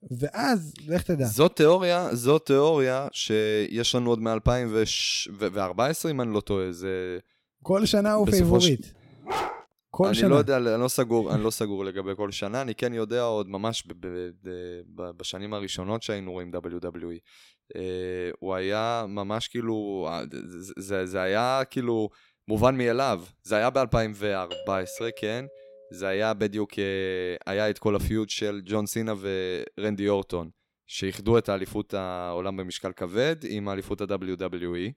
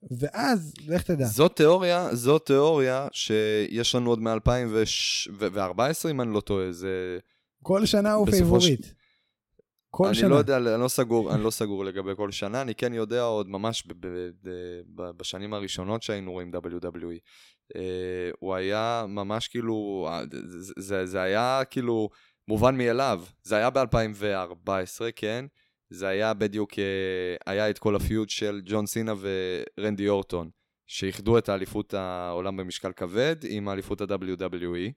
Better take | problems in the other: second | dog barking; noticeable; at 9.5 s; peak 4 dB below the speech // doorbell; faint; from 25 to 26 s; peak 10 dB below the speech

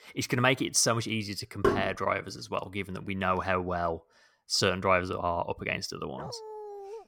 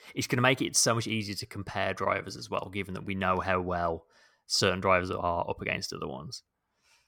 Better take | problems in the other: second | door banging; loud; at 1.5 s; peak 1 dB above the speech // dog barking; faint; at 6 s; peak 15 dB below the speech

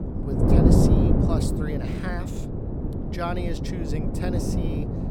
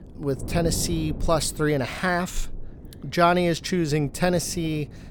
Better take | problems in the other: second | wind noise on the microphone; heavy; 5 dB above the speech; occasional gusts in the second

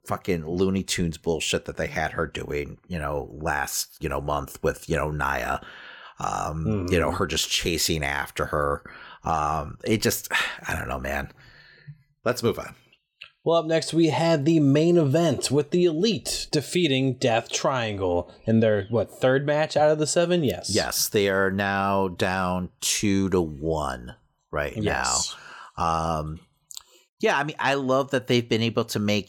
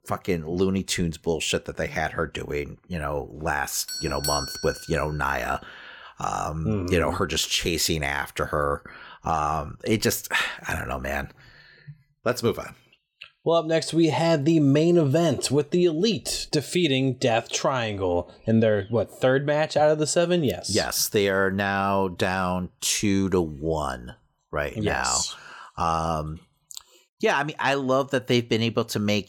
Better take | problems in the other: first | doorbell; noticeable; from 4 to 5 s; peak 3 dB below the speech

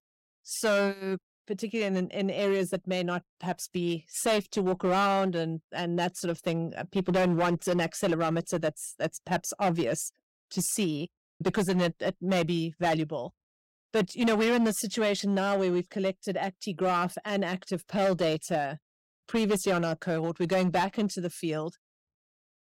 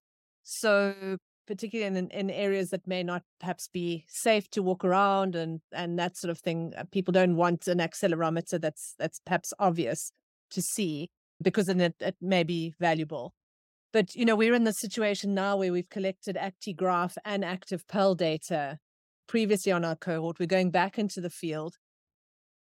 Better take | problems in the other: second | distortion; slight; 7% of the sound clipped

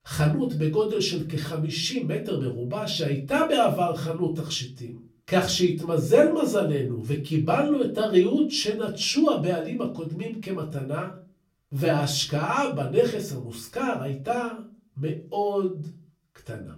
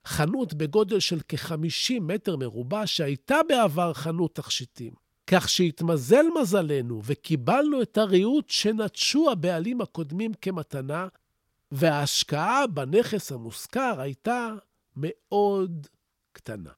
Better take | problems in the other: second | off-mic speech; far // room echo; very slight; dies away in 0.3 s

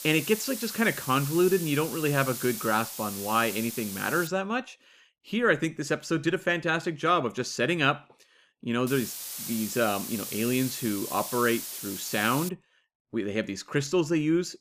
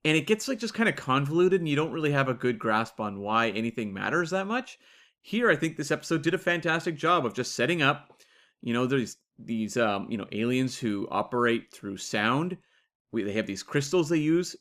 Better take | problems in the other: second | hiss; loud; until 4.5 s and from 9 to 12 s; 7 dB below the speech

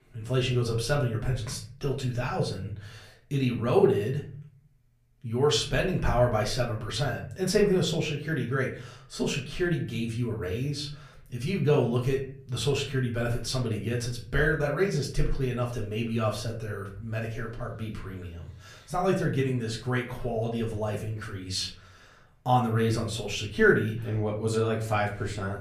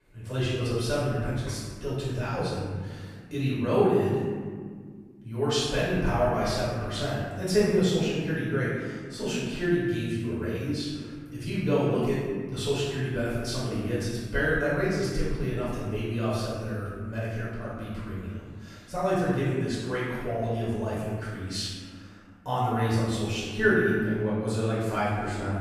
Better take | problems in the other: first | room echo; strong; dies away in 1.7 s; slight in the first // off-mic speech; far; far in the first

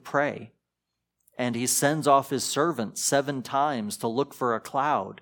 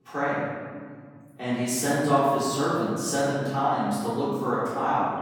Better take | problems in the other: first | off-mic speech; far // room echo; strong; dies away in 2.1 s

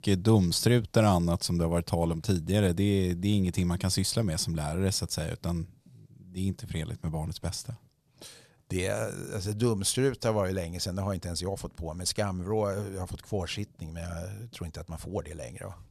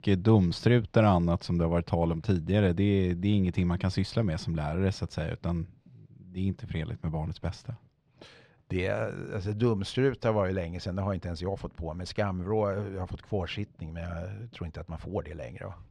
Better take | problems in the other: first | muffled; slightly; fading above 2.5 kHz

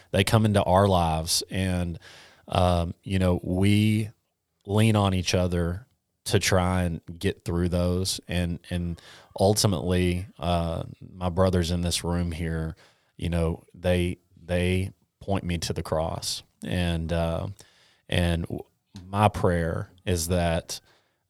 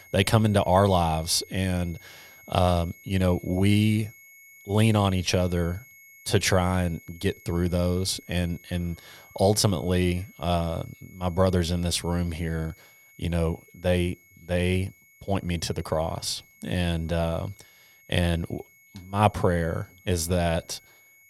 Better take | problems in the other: first | high-pitched whine; faint; throughout; 2 kHz, 25 dB below the speech

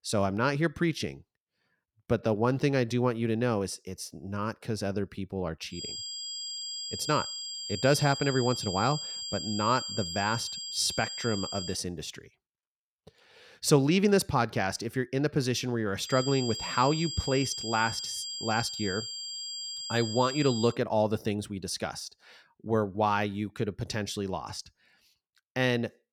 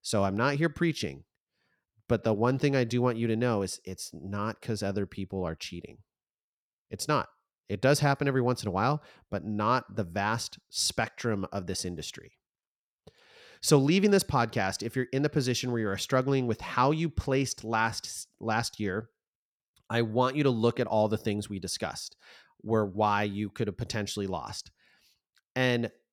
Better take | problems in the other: second | high-pitched whine; loud; from 6 to 12 s and from 16 to 21 s; 5 kHz, 5 dB below the speech

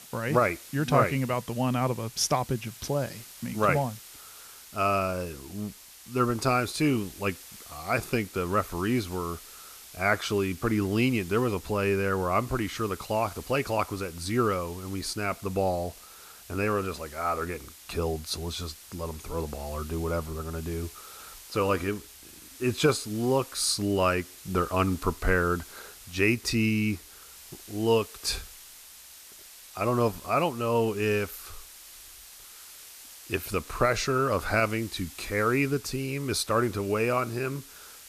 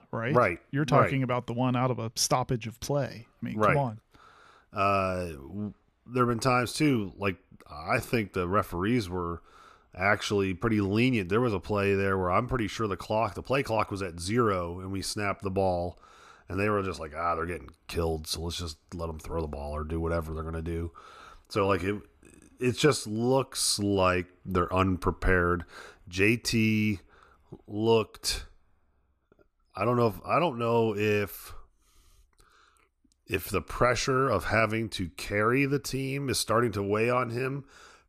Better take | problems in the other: second | hiss; noticeable; throughout; 15 dB below the speech

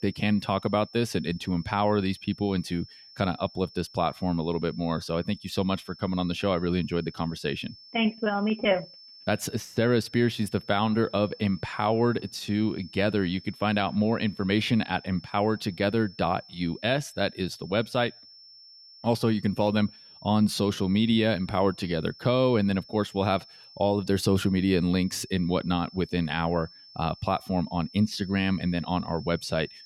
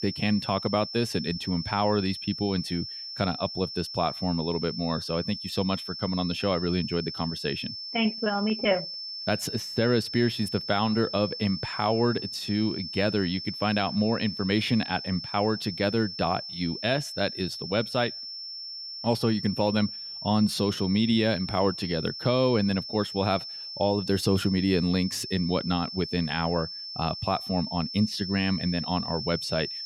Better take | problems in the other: first | high-pitched whine; loud; throughout; 5.5 kHz, 7 dB below the speech; faint in the first

